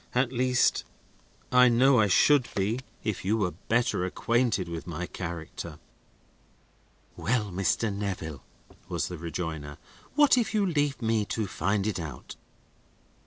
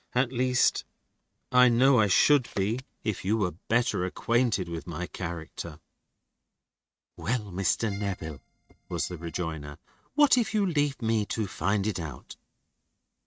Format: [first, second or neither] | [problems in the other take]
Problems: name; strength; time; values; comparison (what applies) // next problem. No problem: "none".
first | noise reduction (neural mask model RNNoise)